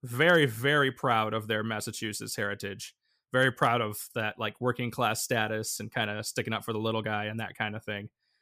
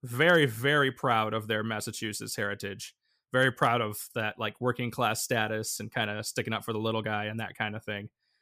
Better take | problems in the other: neither | none

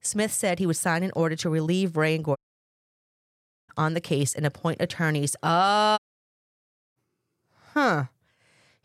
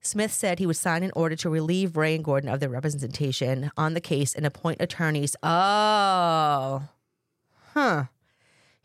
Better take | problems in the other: second | audio cutting out; at 2.5 s for 1.5 s and at 6 s for 1 s

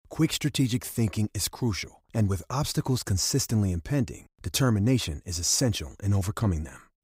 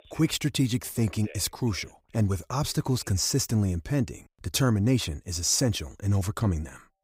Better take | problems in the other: first | alarms or sirens; faint; throughout; 25 dB below the speech

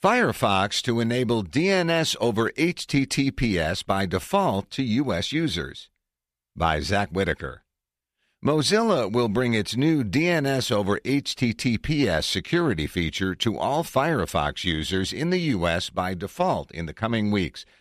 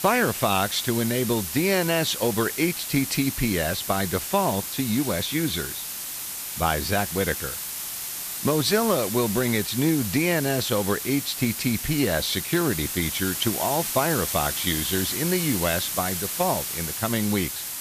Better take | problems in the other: first | hiss; loud; throughout; 4 dB below the speech

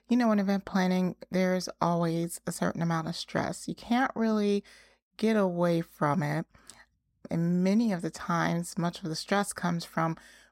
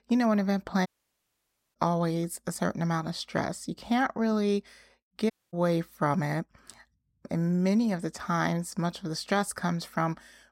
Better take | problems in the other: first | audio cutting out; at 1 s for 1 s and at 5.5 s

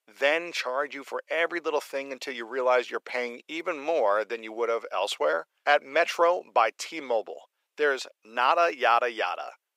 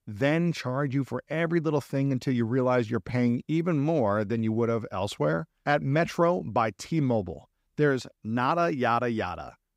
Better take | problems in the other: second | thin; very; fading below 450 Hz

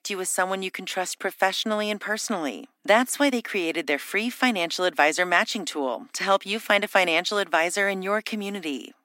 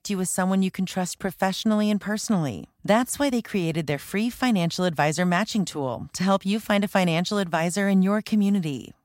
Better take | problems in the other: second | thin; somewhat; fading below 250 Hz

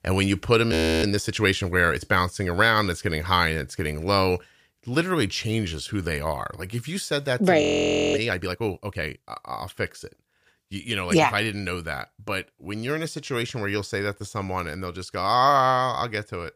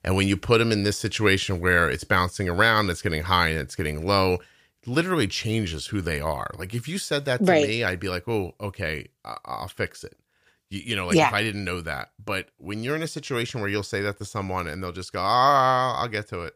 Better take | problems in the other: second | audio freezing; at 0.5 s and at 7.5 s for 0.5 s

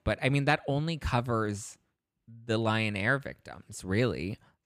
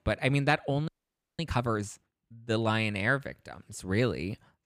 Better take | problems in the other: first | audio freezing; at 1 s for 0.5 s

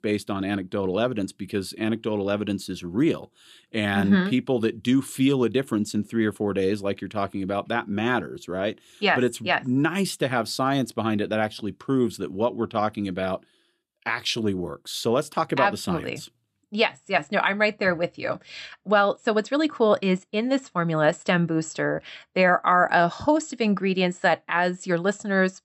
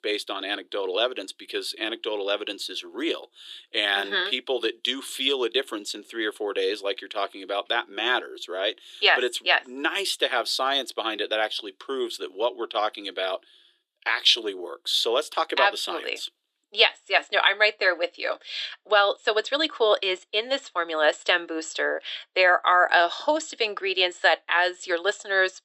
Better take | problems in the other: first | thin; very; fading below 350 Hz

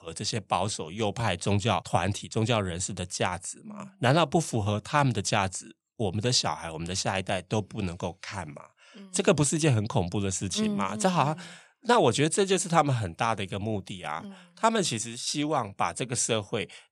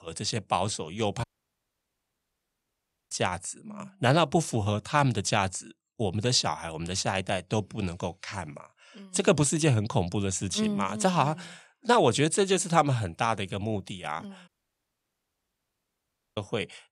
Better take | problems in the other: first | audio cutting out; at 1 s for 2 s and at 14 s for 2 s

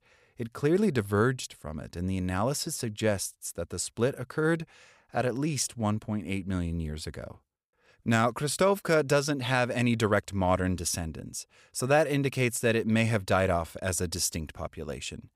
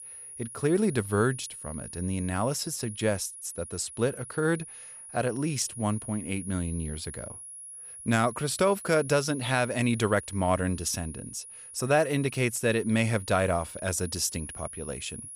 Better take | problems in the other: first | high-pitched whine; noticeable; throughout; 10.5 kHz, 10 dB below the speech

